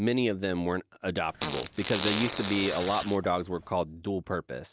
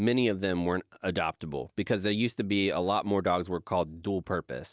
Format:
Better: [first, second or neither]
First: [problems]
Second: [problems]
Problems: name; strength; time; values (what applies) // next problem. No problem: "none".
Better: second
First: background sound (Fart); 7 dB below the speech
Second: none